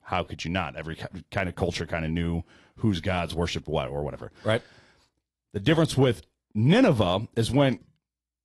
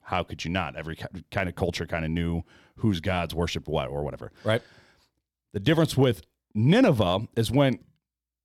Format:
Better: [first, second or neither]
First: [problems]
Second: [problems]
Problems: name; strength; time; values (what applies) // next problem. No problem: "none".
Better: second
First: garbled, watery; slightly; nothing above 11.5 kHz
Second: none